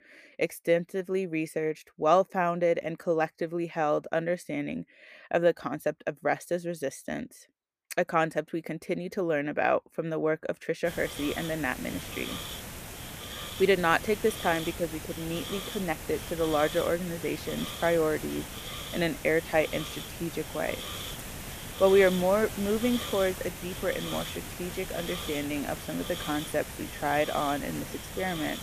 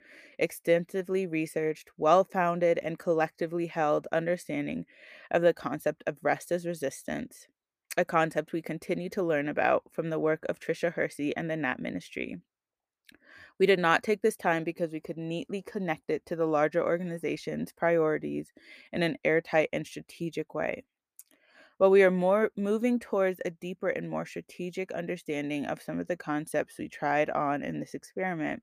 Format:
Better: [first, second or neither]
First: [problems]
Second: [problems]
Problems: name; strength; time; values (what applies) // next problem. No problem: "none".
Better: second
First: hiss; loud; from 11 s on; 8 dB below the speech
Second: none